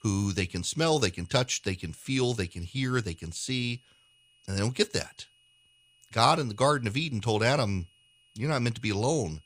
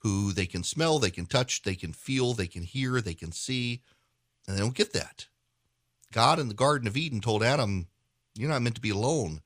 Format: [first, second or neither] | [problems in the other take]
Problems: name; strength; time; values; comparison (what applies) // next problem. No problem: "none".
second | high-pitched whine; faint; throughout; 3 kHz, 35 dB below the speech